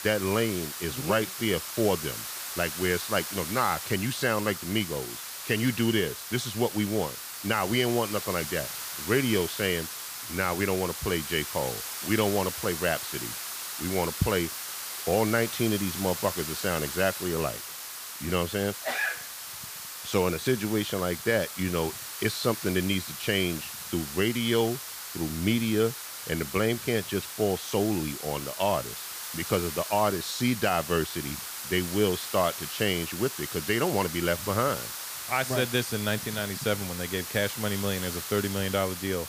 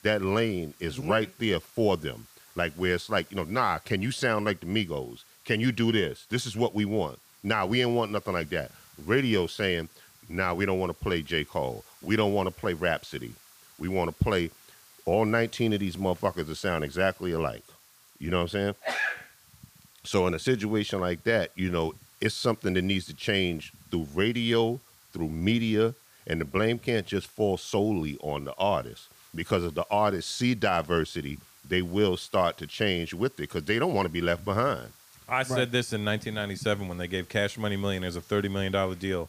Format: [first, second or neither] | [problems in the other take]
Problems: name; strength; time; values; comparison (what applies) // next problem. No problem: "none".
second | hiss; loud; throughout; 6 dB below the speech; faint in the second